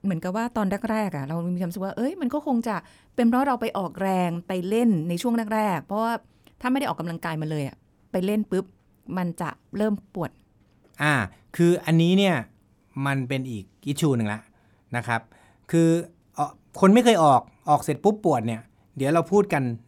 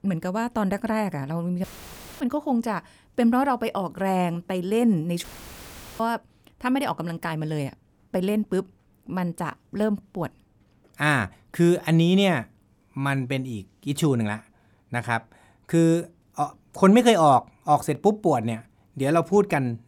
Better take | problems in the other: first | audio cutting out; filled with static; at 1.5 s for 0.5 s and at 5 s for 1 s

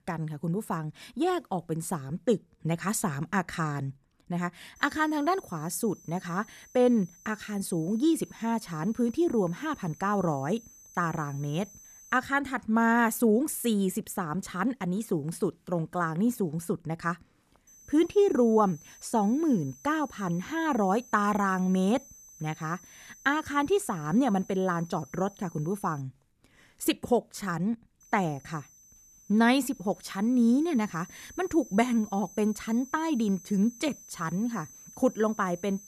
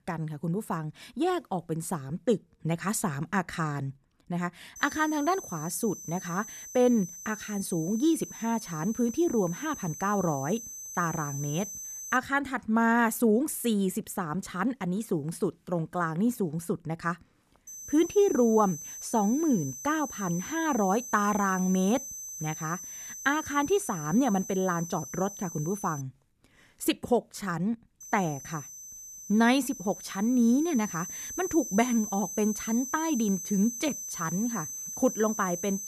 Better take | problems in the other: first | high-pitched whine; loud; from 5 to 12 s, from 18 to 26 s and from 28 s on; 6 kHz, 9 dB below the speech; faint in the first

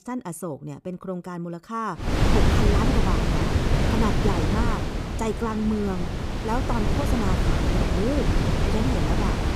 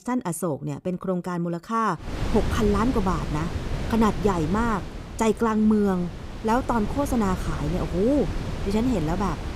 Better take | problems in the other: second | wind noise on the microphone; heavy; from 2 s on; 2 dB above the speech; occasional gusts in the second

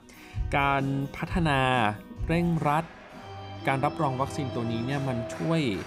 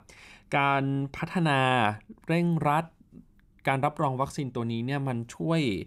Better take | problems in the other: second | background music; noticeable; throughout; 10 dB below the speech

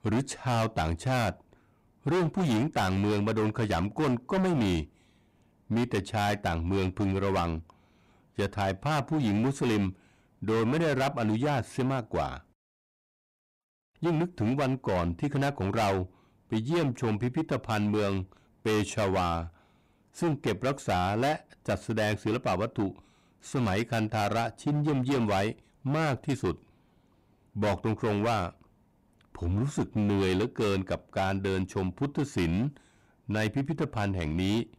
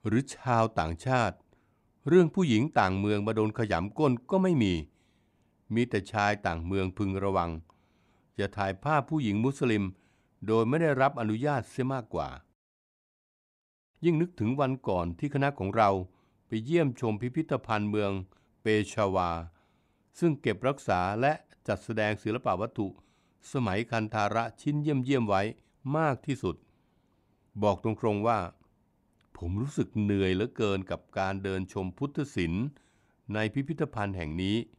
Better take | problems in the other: second | distortion; heavy; 16% of the sound clipped

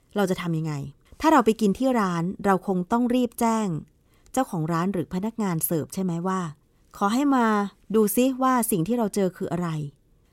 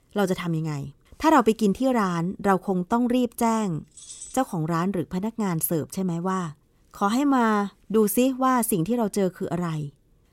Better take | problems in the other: first | jangling keys; faint; at 4 s; peak 15 dB below the speech

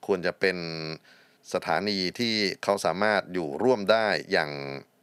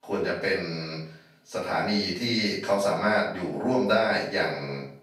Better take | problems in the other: first | room echo; noticeable; dies away in 0.5 s // off-mic speech; far

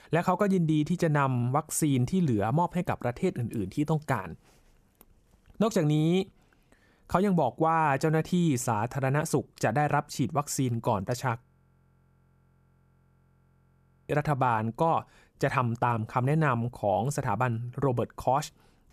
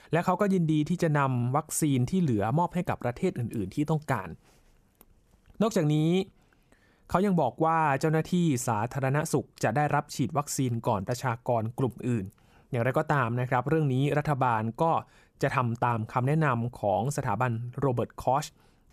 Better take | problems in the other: second | audio freezing; at 11 s for 2.5 s

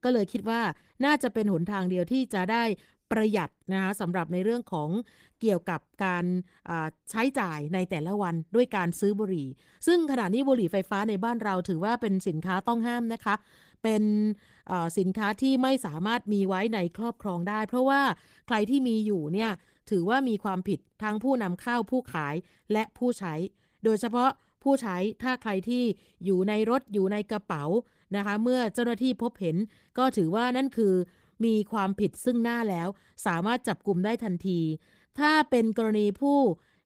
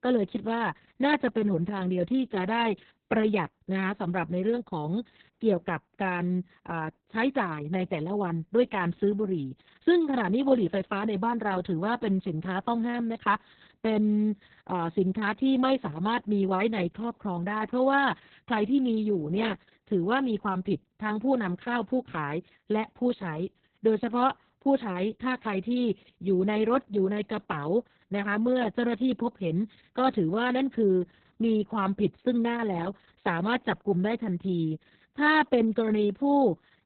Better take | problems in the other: first | garbled, watery; badly; nothing above 4 kHz; slightly in the first

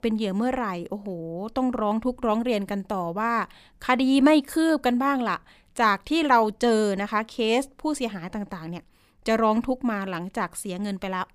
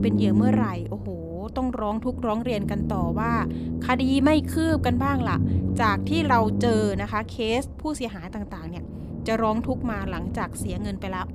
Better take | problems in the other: first | low rumble; loud; throughout; 9 dB below the speech

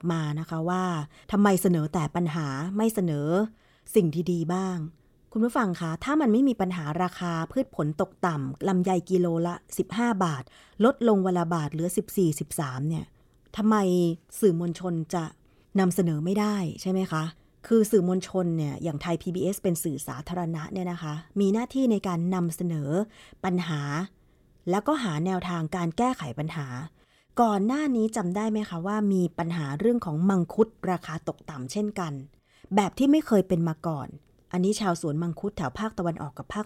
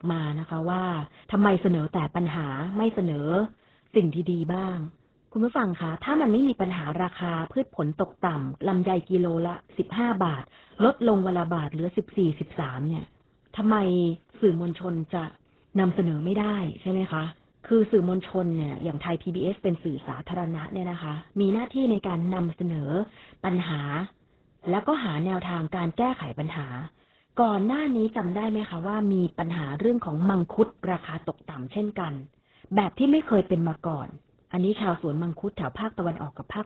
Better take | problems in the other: first | garbled, watery; badly

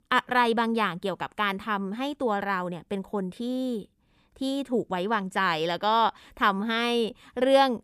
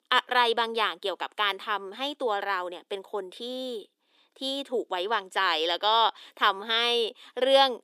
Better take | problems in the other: first | thin; somewhat; fading below 300 Hz

